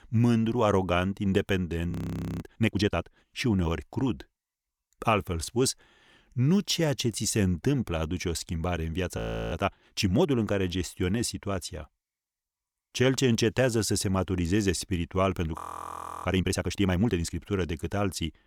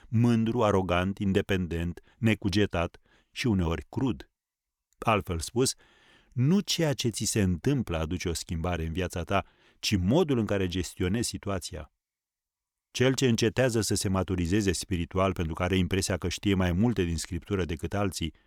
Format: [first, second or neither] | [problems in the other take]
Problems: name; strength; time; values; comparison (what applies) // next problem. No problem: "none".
second | audio freezing; at 2 s for 0.5 s, at 9 s and at 16 s for 0.5 s